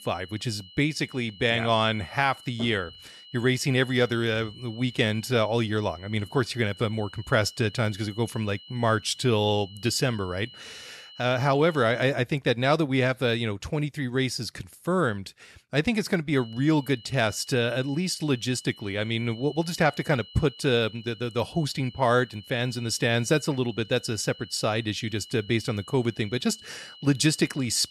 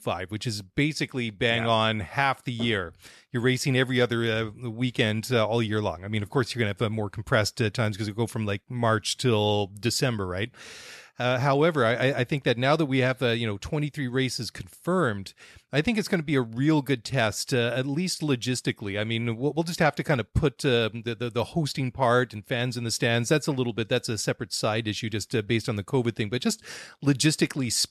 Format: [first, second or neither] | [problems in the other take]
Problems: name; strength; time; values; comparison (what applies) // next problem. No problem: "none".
second | high-pitched whine; noticeable; until 12 s and from 16 s on; 3 kHz, 20 dB below the speech